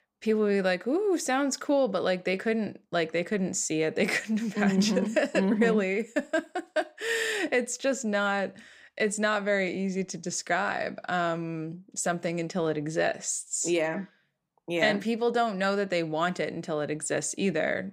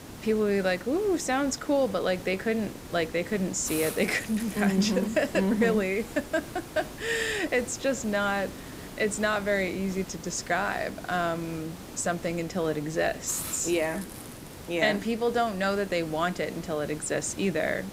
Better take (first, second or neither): first